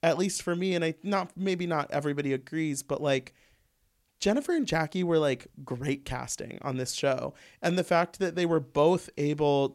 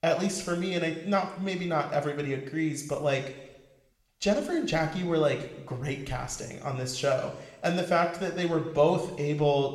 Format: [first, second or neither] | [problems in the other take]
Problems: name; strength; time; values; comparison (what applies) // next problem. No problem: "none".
first | room echo; slight; dies away in 1 s // off-mic speech; somewhat distant